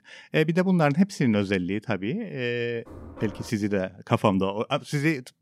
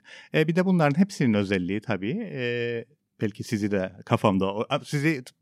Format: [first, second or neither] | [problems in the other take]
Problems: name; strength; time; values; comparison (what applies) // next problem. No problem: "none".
second | door banging; faint; at 3 s; peak 15 dB below the speech